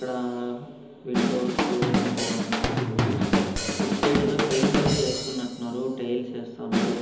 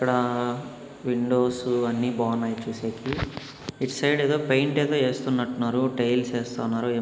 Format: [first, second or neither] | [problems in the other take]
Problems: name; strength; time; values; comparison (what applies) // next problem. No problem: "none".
second | background sound (Drum / Drum kit); 3 dB above the speech // room echo; dies away in 1.2 s